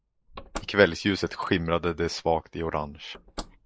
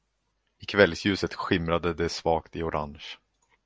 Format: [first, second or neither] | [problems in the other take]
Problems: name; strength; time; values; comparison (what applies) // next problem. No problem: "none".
second | noise reduction (neural mask model Resemble Enhance denoiser)